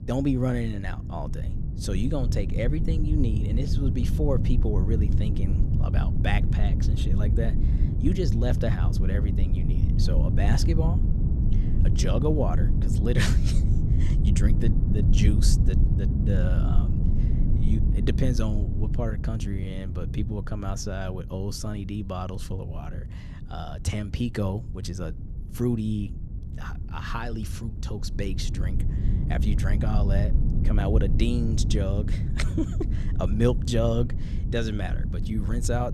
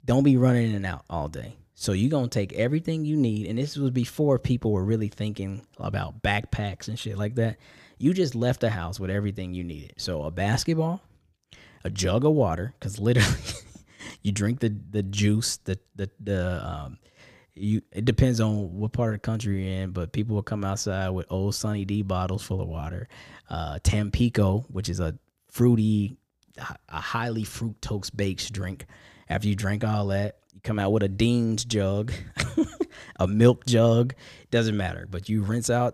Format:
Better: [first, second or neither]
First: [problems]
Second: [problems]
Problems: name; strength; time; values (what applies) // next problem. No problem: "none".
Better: second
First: low rumble; loud; throughout; 6 dB below the speech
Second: none